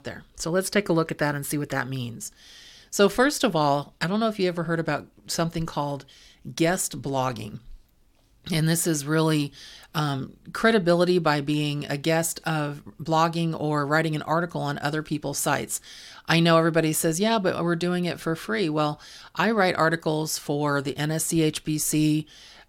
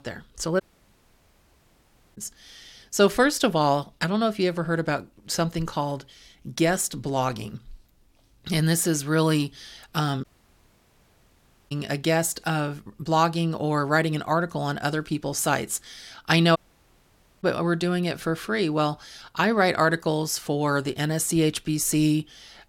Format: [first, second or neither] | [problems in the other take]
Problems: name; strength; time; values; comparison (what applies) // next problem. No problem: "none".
first | audio cutting out; at 0.5 s for 1.5 s, at 10 s for 1.5 s and at 17 s for 1 s